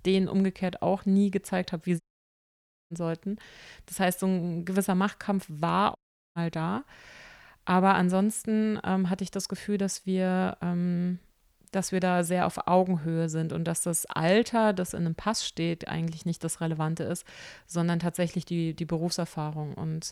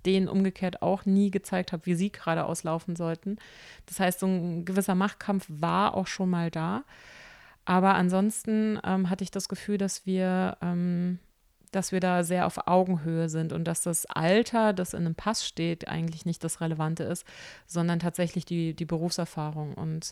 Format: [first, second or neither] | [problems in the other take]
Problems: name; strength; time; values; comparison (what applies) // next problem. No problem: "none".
second | audio cutting out; at 2 s for 1 s and at 6 s